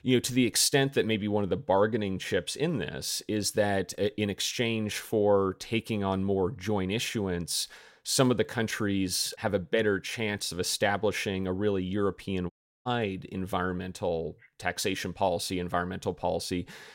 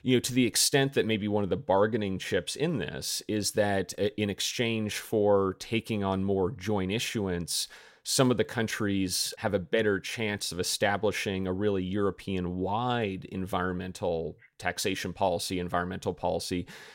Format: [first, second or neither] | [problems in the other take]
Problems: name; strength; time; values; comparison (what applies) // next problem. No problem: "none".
second | audio cutting out; at 13 s